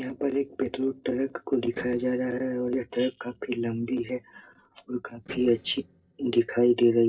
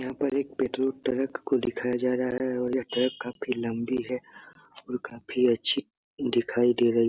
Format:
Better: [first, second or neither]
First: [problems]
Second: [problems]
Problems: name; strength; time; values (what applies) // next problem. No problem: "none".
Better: second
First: noise reduction (neural separator model SepFormer DNS4)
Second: none